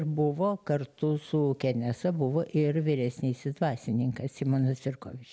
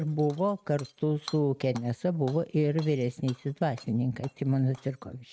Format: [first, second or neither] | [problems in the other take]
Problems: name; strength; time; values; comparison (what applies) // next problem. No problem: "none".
first | noise reduction (neural mask model RNNoise)